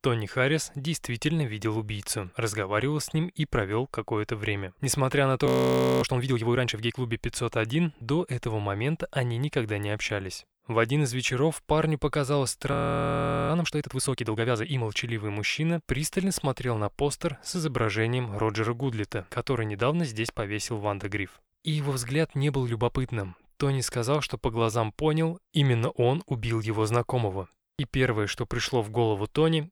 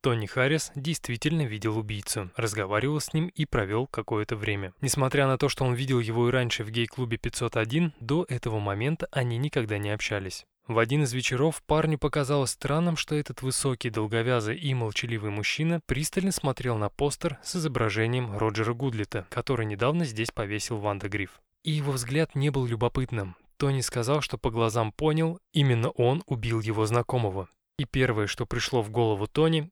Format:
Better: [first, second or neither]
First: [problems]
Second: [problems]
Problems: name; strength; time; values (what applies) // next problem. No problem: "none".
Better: second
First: audio freezing; at 5.5 s for 0.5 s and at 13 s for 1 s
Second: none